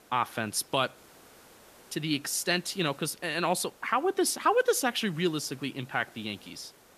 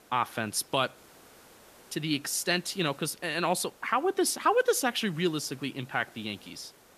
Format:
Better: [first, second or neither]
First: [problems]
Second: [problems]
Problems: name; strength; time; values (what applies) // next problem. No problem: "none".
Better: neither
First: hiss; faint; throughout; 25 dB below the speech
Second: hiss; faint; throughout; 25 dB below the speech